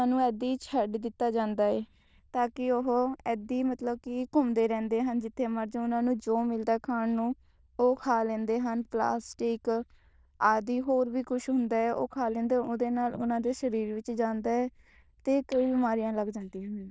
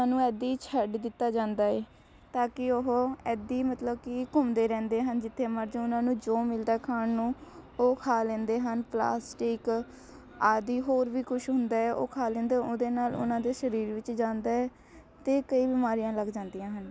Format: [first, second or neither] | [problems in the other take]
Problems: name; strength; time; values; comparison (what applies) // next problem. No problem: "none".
second | noise reduction (neural diffusion model UNIVERSE++)